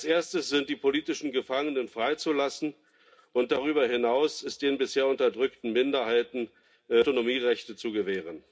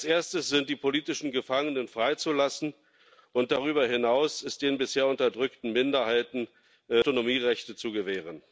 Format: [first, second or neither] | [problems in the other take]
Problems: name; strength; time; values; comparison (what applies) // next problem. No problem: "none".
second | room echo; dies away in 0.3 s